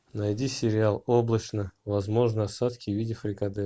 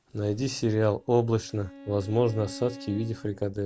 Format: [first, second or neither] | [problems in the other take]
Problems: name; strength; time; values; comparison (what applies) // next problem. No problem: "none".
first | background sound (Bowed string instrument); 19 dB below the speech